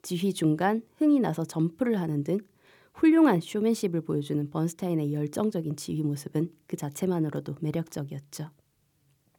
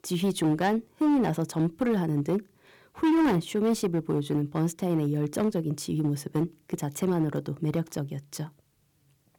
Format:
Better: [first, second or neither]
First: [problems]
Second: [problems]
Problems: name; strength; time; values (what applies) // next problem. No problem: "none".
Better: first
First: none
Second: distortion; slight; 7% of the sound clipped